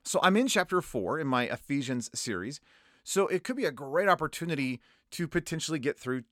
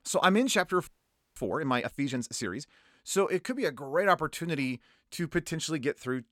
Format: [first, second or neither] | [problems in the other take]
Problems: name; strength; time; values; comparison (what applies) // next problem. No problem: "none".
first | audio freezing; at 1 s